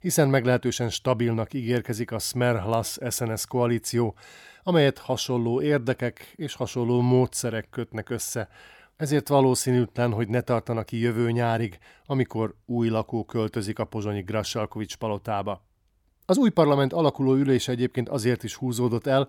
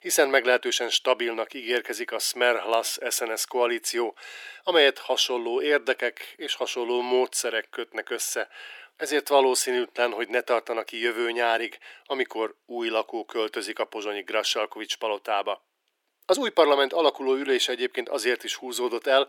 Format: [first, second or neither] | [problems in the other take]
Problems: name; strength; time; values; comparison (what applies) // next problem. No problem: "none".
first | thin; very; fading below 350 Hz